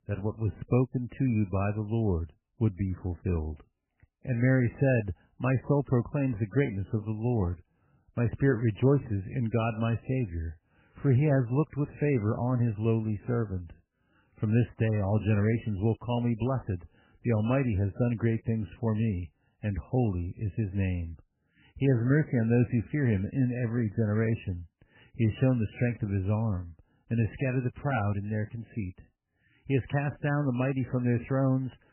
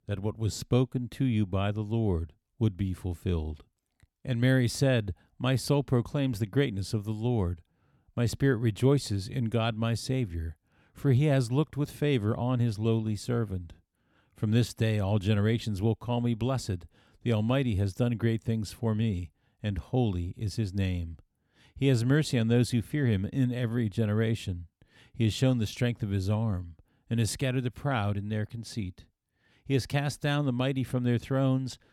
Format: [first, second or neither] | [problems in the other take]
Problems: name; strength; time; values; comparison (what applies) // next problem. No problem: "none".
second | garbled, watery; badly; nothing above 3 kHz